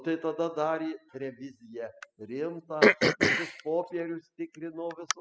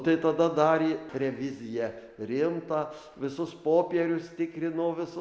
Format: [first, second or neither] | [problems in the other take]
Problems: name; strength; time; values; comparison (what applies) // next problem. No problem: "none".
second | noise reduction (classical method spectral subtraction)